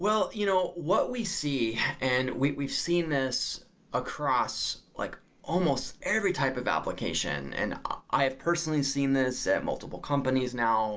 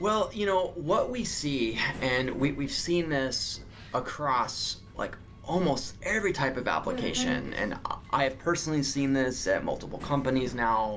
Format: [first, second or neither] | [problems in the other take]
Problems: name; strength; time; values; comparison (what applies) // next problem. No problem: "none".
first | background sound (Subway, metro, underground); 13 dB below the speech